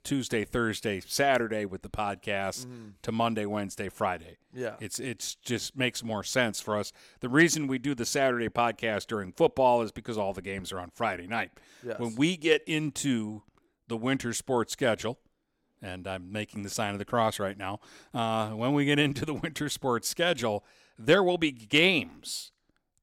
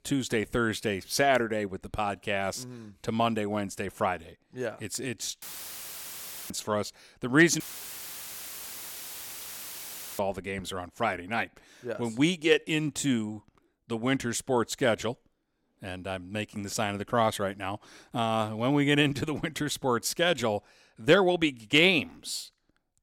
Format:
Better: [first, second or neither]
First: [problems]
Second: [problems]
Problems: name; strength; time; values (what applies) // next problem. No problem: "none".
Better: first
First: none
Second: audio cutting out; filled with static; at 5.5 s for 1 s and at 7.5 s for 2.5 s